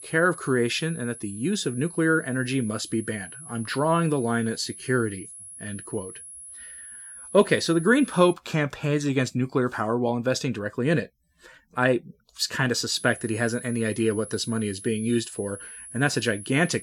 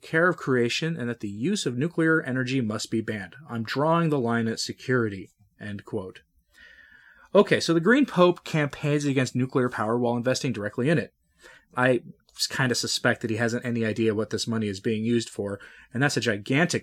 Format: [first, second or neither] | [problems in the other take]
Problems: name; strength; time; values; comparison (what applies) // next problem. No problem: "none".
second | high-pitched whine; noticeable; until 8.5 s and from 13 s on; 10.5 kHz, 15 dB below the speech